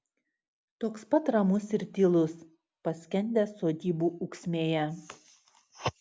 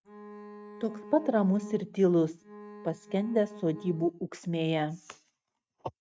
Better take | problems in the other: first | noise reduction (neural mask model RNNoise)

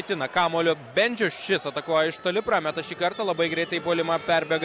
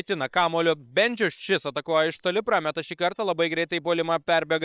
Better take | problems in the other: first | noise reduction (neural separator model SepFormer WHAM!)

